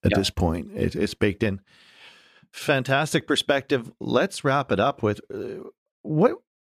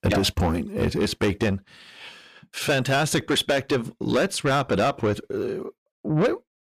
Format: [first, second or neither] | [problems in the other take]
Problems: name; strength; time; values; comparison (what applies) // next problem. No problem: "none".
first | distortion; heavy; 7 dB below the speech